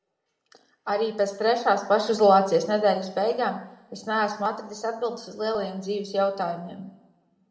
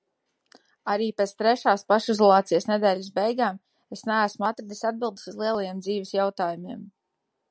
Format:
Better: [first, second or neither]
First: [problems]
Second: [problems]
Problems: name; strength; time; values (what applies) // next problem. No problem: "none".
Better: second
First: room echo; dies away in 0.8 s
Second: none